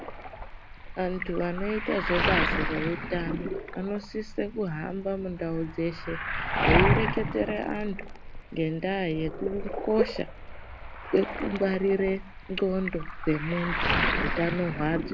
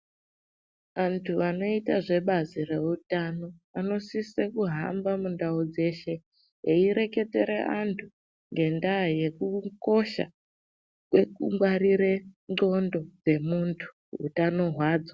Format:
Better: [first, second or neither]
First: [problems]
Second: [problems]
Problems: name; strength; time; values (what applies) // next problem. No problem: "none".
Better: second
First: background sound (Waves, surf); 1 dB below the speech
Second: none